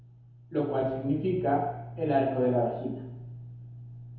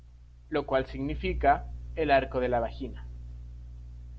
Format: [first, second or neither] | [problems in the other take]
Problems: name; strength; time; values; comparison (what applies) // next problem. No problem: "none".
second | room echo; dies away in 1 s